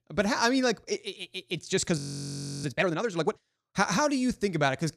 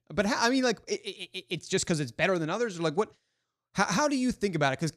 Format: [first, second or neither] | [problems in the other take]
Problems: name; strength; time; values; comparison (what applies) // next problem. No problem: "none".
second | audio freezing; at 2 s for 0.5 s